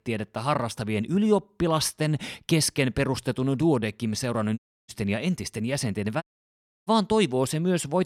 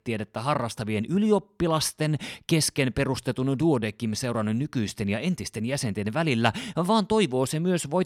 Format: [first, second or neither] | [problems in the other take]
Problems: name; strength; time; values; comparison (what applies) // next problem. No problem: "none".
second | audio cutting out; at 4.5 s and at 6 s for 0.5 s